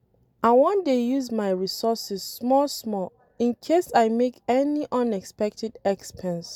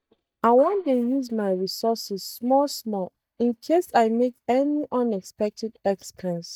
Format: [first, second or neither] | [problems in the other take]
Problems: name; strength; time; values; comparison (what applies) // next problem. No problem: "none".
first | noise reduction (neural mask model DeepFilterNet 3)